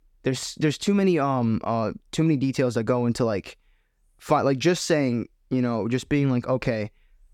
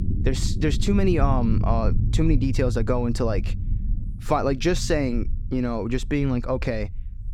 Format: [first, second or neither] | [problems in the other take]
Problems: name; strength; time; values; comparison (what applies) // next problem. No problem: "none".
first | low rumble; noticeable; throughout; 15 dB below the speech